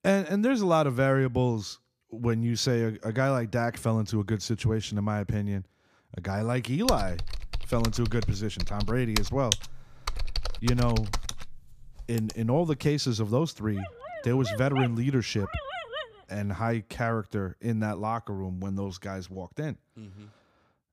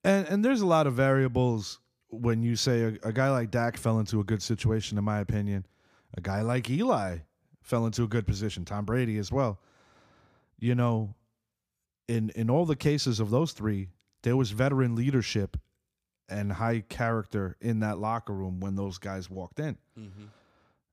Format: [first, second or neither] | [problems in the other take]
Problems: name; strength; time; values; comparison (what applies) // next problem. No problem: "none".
second | keyboard typing; noticeable; from 7 to 12 s; peak 1 dB below the speech // dog barking; noticeable; from 14 to 16 s; peak 5 dB below the speech